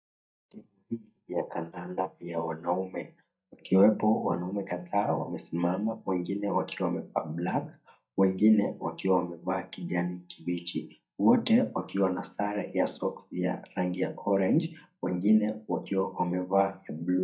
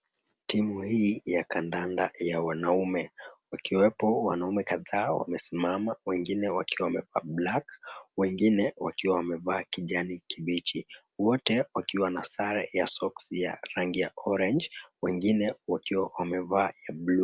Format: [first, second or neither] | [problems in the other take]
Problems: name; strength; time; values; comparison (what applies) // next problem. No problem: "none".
second | noise reduction (neural mask model DeepFilterNet 3)